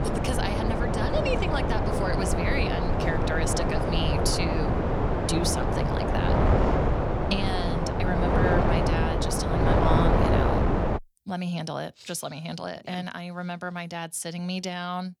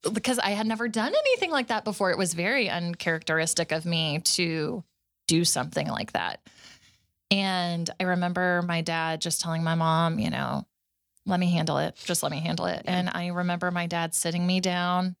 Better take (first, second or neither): second